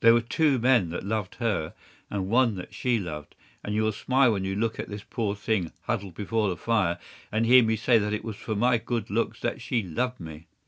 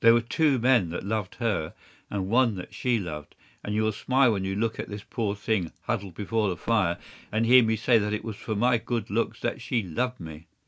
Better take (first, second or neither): first